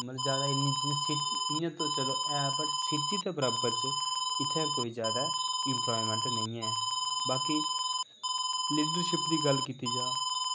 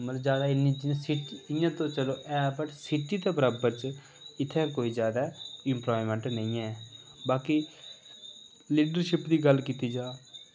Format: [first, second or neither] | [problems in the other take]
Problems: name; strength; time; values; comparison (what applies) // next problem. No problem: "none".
second | background sound (Alarm); 3 dB above the speech